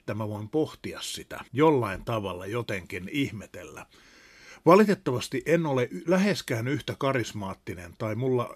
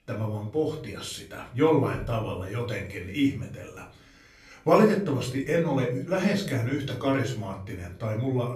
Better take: first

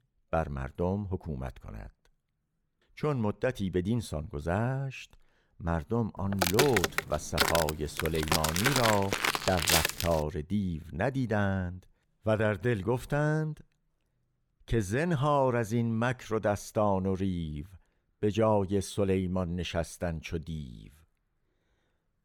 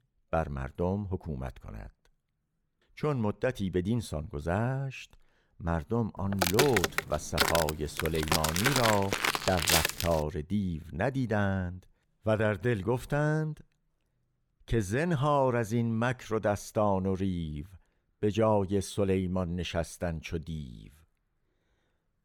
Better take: neither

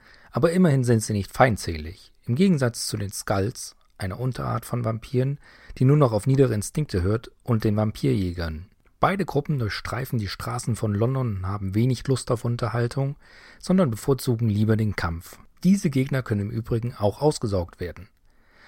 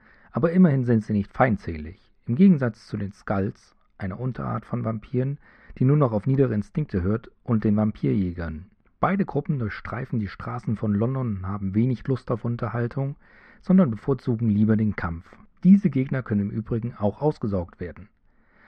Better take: first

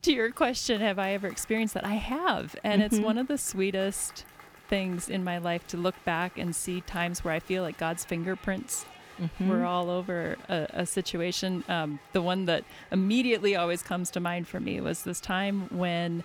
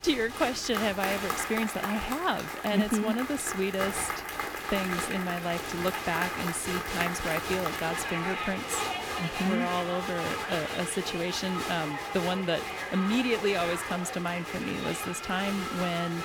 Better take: first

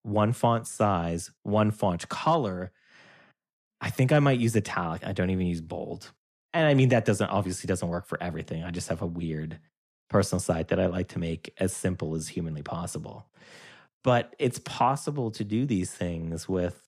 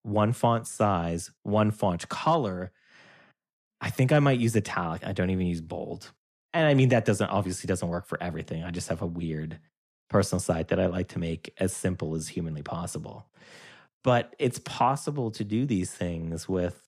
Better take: neither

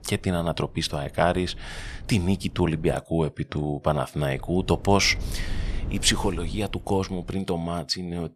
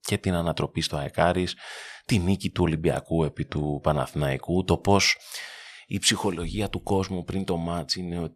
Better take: second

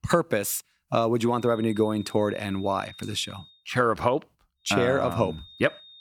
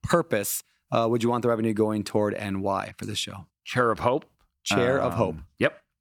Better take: second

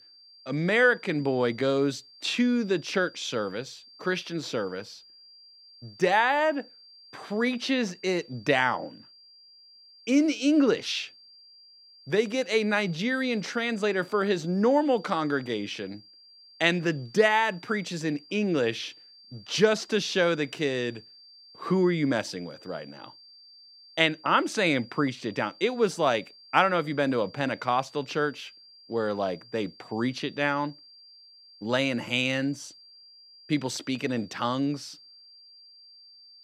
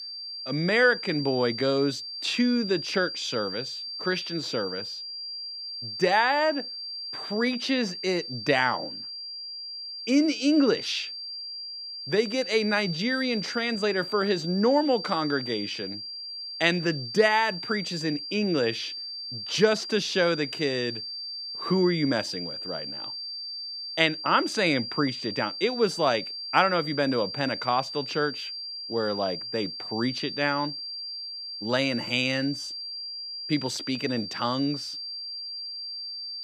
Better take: first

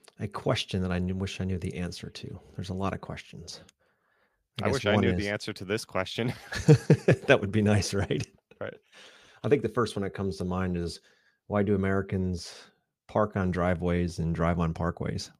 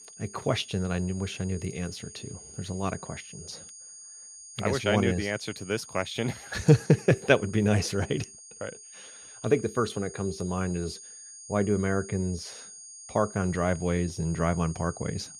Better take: first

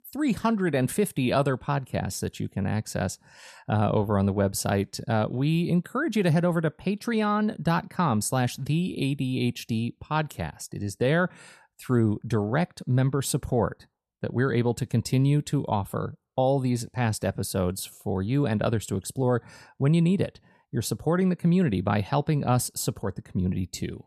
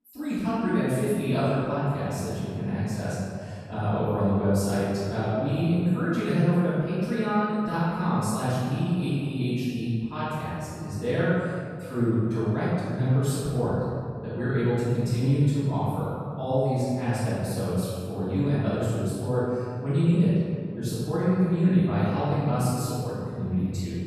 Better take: first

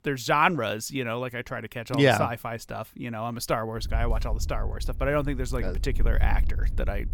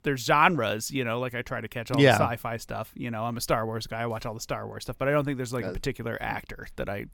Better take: second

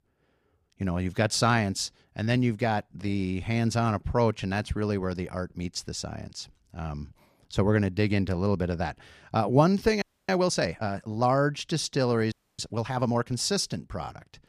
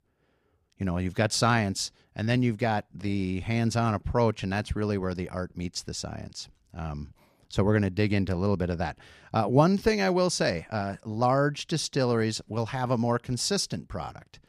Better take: second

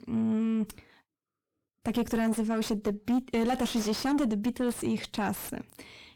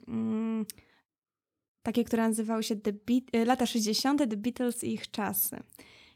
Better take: second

